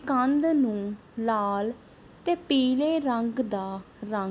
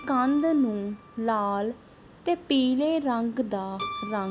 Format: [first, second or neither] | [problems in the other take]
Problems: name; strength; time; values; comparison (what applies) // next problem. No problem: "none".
first | background sound (Keyboard (musical)); 17 dB below the speech